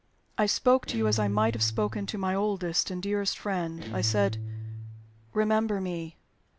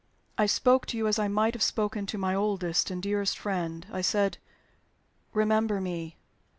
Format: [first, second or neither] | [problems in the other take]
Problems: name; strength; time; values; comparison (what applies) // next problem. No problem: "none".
second | background sound (Guitar); 8 dB below the speech